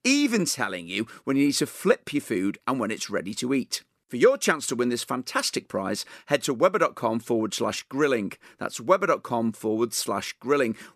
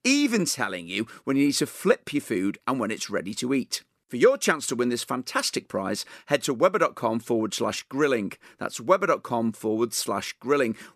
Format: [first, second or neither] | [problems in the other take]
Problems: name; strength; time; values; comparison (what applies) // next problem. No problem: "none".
neither | none